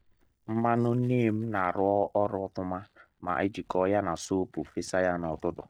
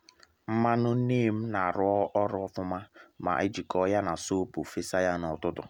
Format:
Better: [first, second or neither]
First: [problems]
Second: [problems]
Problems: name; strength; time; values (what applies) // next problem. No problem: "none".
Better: second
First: noise reduction (neural mask model DeepFilterNet 3)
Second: none